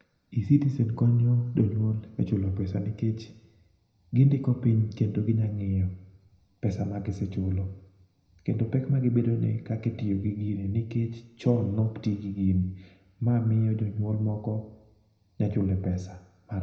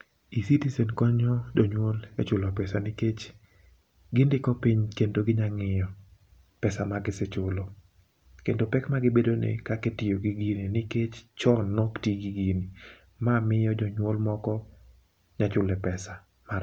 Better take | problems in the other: second | room echo; dies away in 0.7 s

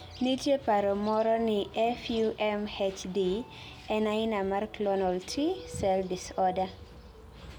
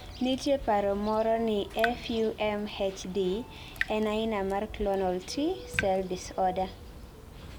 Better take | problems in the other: first | background sound (Drip / Water tap, faucet); 12 dB below the speech

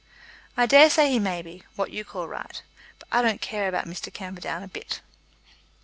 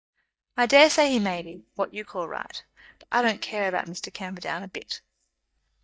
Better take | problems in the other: first | noise reduction (neural mask model DeepFilterNet 3)

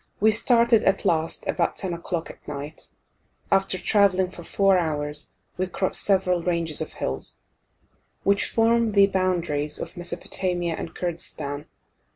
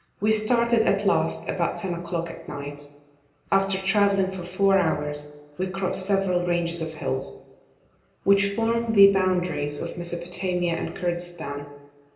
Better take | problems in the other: first | room echo; dies away in 0.8 s

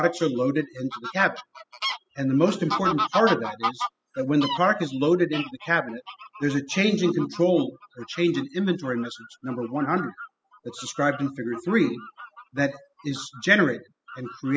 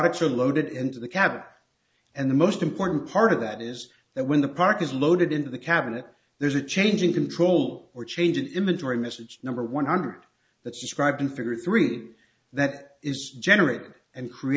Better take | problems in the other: second | noise reduction (classical method spectral subtraction)

